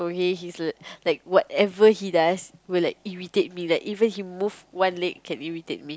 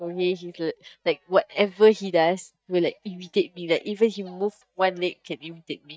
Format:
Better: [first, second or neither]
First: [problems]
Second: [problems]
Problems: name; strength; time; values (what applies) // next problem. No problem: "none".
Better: first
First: none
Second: noise reduction (neural mask model DeepFilterNet 3)